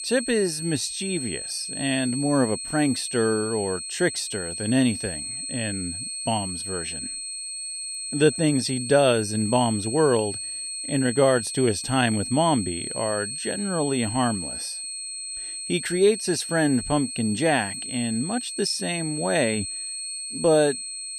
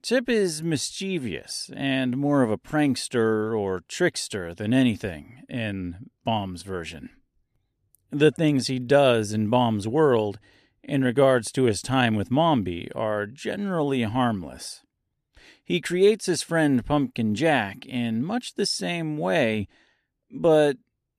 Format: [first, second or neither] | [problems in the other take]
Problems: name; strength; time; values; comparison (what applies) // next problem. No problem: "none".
second | high-pitched whine; loud; throughout; 8.5 kHz, 6 dB below the speech